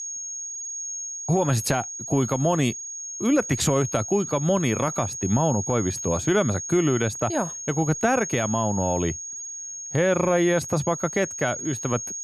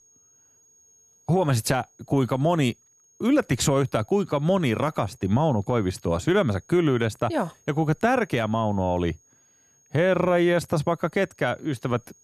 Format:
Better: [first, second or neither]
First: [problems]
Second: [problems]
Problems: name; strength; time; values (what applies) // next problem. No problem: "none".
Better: second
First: high-pitched whine; loud; throughout; 6.5 kHz, 7 dB below the speech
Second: high-pitched whine; faint; throughout; 6.5 kHz, 35 dB below the speech